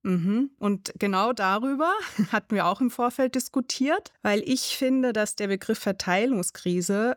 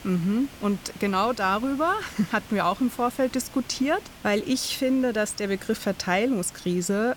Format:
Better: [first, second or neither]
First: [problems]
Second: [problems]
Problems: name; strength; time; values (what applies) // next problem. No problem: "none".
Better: first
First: none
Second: hiss; noticeable; throughout; 20 dB below the speech